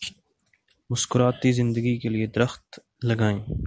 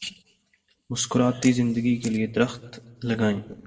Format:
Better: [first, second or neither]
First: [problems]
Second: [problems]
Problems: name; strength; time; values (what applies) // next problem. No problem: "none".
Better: first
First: none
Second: noise reduction (neural separator model SepFormer DNS4)